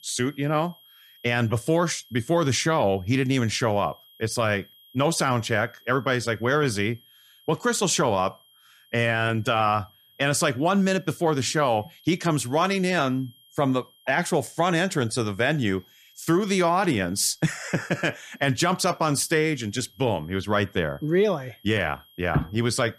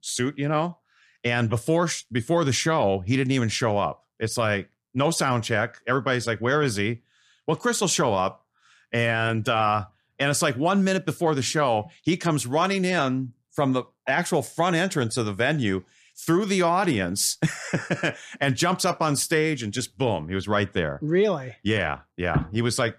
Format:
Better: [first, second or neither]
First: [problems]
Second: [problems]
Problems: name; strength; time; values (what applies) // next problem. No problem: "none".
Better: second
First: high-pitched whine; faint; throughout; 3 kHz, 30 dB below the speech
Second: none